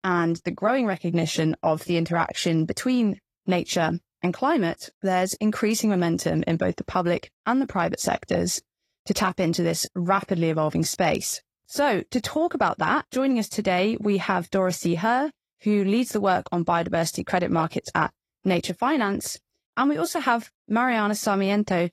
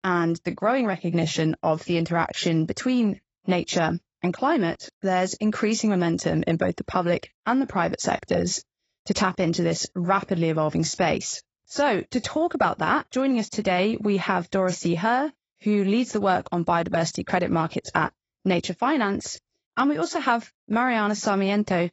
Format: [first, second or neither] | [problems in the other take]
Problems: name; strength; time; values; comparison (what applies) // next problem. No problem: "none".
first | garbled, watery; badly; nothing above 7.5 kHz; slightly in the first